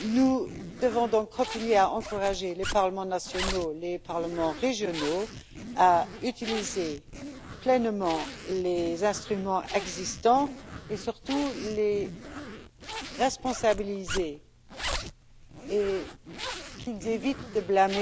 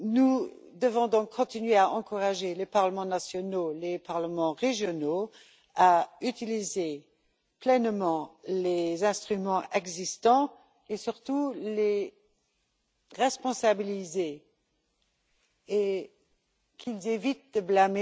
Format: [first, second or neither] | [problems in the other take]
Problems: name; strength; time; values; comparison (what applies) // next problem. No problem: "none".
second | background sound (Zipper (clothing)); 11 dB below the speech